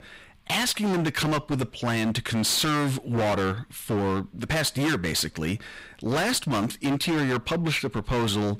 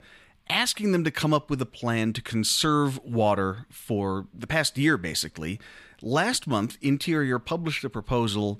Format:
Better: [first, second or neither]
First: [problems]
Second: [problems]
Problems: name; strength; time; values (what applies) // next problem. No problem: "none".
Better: second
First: distortion; heavy; 24% of the sound clipped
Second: none